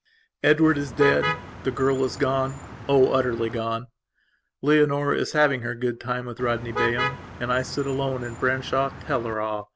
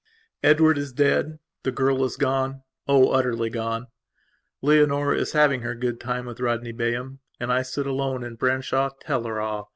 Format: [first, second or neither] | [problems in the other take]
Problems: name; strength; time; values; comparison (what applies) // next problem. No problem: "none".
second | background sound (Motor vehicle (road)); 9 dB below the speech